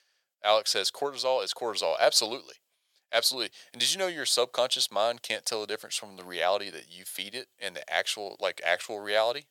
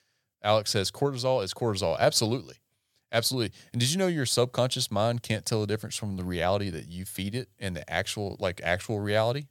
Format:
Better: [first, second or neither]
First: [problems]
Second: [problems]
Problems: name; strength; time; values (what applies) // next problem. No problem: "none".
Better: second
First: thin; very; fading below 600 Hz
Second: none